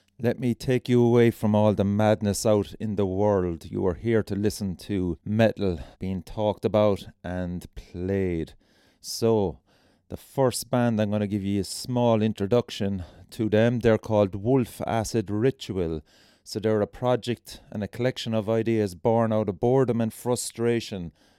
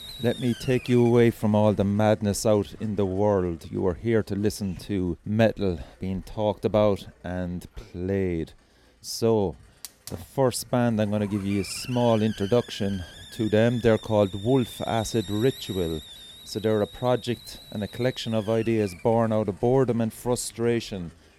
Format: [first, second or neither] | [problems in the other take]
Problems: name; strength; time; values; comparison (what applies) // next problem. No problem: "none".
first | hiss; noticeable; throughout; 20 dB below the speech